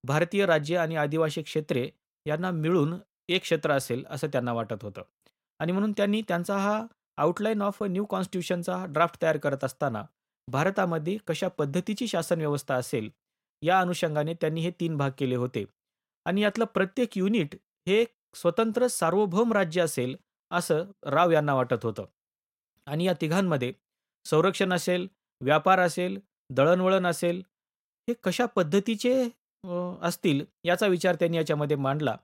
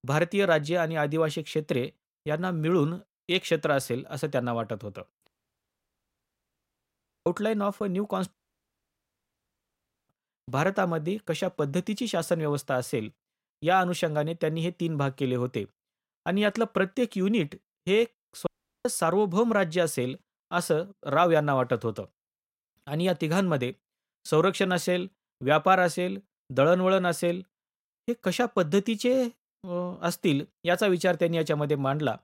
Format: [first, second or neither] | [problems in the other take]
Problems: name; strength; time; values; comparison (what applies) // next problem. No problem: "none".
first | audio cutting out; at 5.5 s for 2 s, at 8.5 s for 2 s and at 18 s